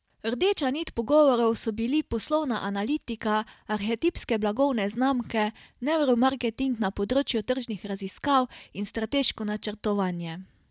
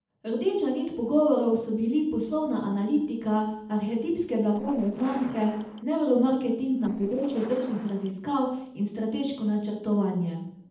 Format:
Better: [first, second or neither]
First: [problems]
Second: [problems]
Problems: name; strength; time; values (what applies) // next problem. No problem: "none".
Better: first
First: none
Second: noise reduction (neural separator model SepFormer DNS4)